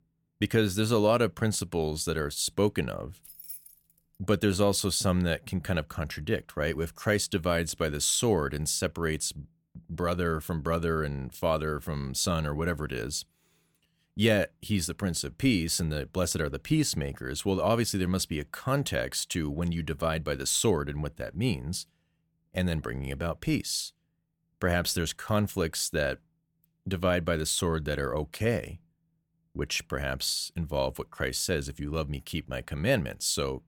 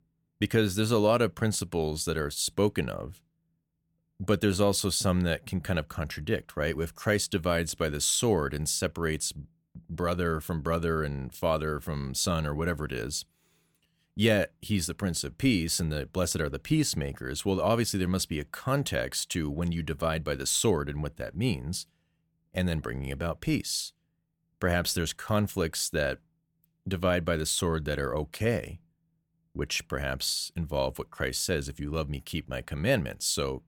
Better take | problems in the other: second | jangling keys; faint; at 3.5 s; peak 10 dB below the speech

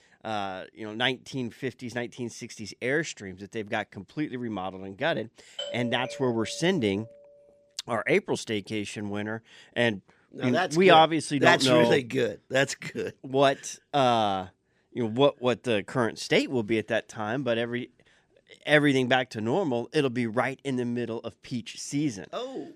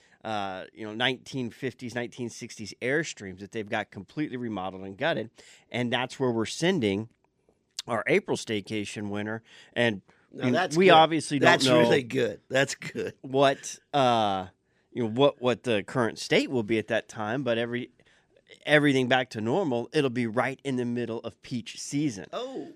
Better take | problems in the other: second | doorbell; noticeable; from 5.5 to 7 s; peak 9 dB below the speech

